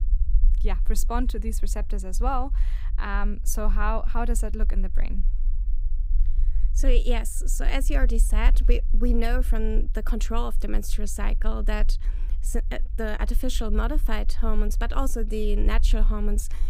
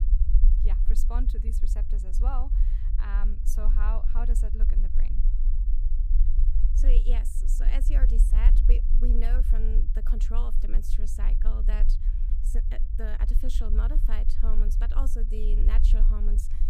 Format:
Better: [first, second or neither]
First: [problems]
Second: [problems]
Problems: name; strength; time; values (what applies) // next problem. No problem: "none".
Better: first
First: low rumble; faint; throughout; 20 dB below the speech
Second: low rumble; loud; throughout; 7 dB below the speech